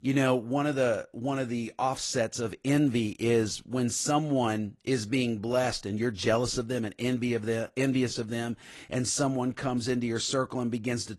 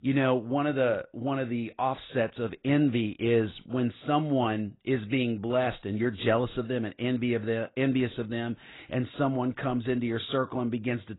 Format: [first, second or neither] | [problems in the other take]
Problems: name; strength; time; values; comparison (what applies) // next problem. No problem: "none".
first | garbled, watery; badly; nothing above 4 kHz; slightly in the first